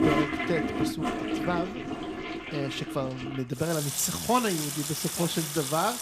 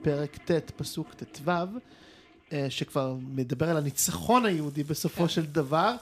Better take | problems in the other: second | household noises; loud; throughout; 1 dB below the speech; faint in the second

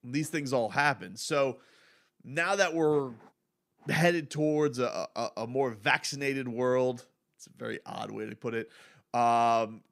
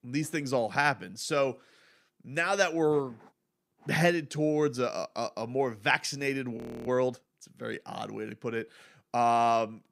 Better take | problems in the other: first | audio freezing; at 6.5 s

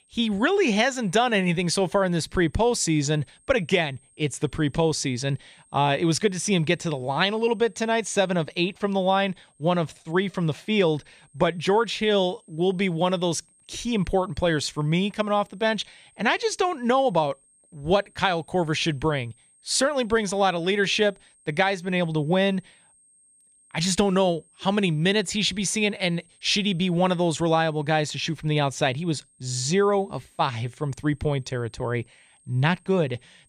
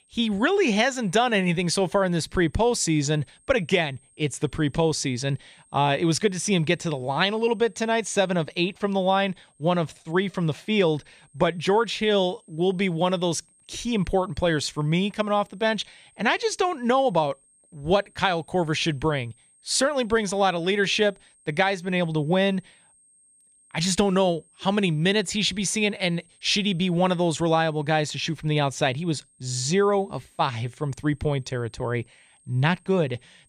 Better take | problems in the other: neither | high-pitched whine; faint; throughout; 8.5 kHz, 35 dB below the speech; the same in both

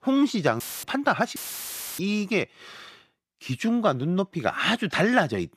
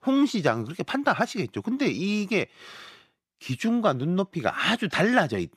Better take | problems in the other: second | audio cutting out; filled with static; at 0.5 s and at 1.5 s for 0.5 s

